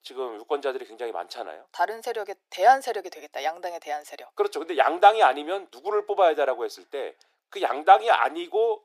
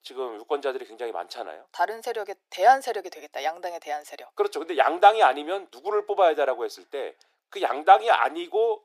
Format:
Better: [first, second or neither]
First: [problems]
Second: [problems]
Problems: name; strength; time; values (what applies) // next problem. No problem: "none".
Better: neither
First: thin; very; fading below 400 Hz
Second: thin; very; fading below 400 Hz